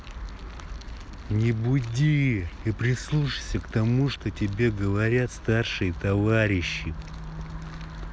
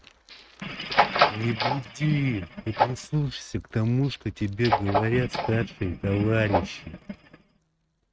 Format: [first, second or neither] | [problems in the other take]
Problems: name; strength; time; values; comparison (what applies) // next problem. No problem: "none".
first | noise reduction (neural mask model RNNoise)